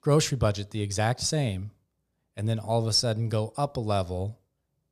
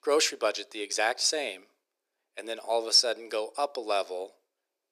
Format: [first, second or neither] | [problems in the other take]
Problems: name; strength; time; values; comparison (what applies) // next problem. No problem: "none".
first | thin; very; fading below 350 Hz